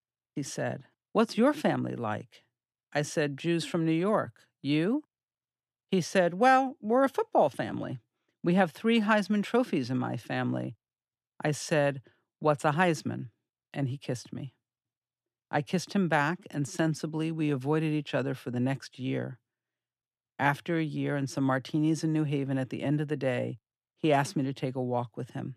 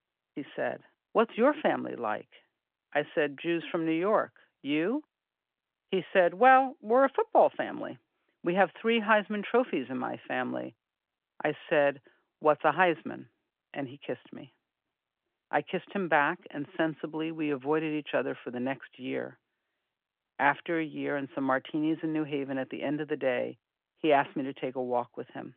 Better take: first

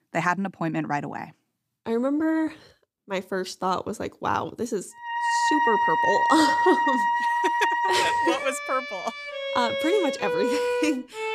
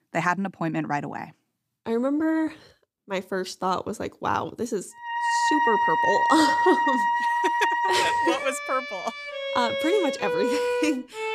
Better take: neither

